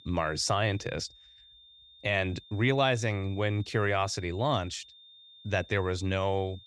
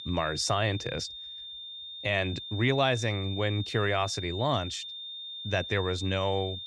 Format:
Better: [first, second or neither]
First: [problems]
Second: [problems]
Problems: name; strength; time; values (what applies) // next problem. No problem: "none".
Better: first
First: high-pitched whine; faint; throughout; 3.5 kHz, 25 dB below the speech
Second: high-pitched whine; loud; throughout; 3.5 kHz, 8 dB below the speech